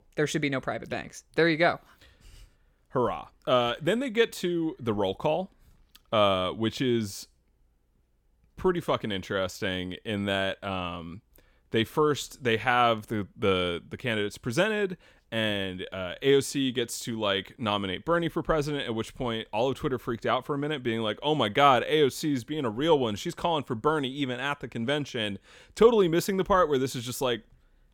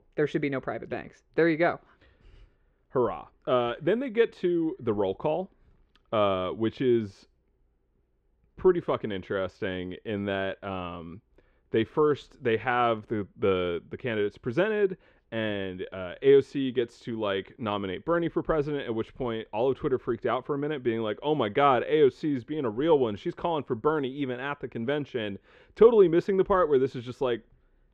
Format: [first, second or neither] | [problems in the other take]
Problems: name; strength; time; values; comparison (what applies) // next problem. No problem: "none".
first | muffled; slightly; fading above 2.5 kHz